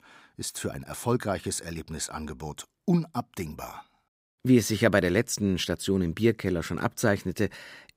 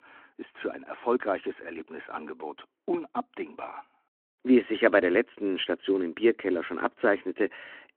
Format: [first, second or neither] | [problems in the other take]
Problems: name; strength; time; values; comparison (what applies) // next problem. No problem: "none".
first | phone-call audio